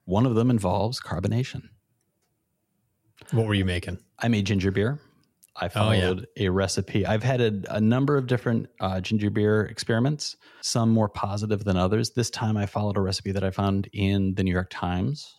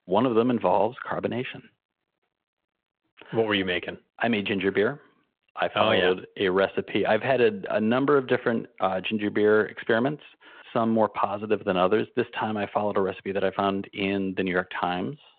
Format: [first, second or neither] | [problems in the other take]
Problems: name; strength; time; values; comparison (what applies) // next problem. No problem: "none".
first | phone-call audio